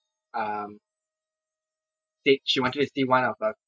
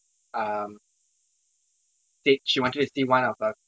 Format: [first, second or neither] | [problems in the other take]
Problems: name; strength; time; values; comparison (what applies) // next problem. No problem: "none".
second | noise reduction (classical method Wiener filter)